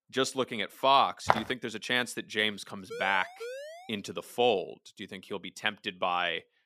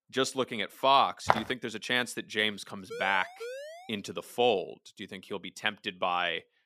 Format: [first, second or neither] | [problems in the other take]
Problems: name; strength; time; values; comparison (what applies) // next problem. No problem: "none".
neither | footsteps; loud; at 1.5 s; peak level with the speech; the same in both // siren; faint; at 3 s; peak 10 dB below the speech; the same in both